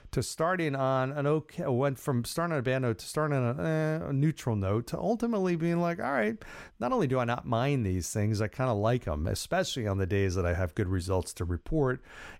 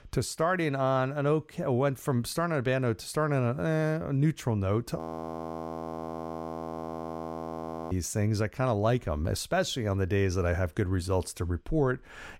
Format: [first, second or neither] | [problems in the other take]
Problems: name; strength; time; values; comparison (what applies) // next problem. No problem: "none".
first | audio freezing; at 5 s for 3 s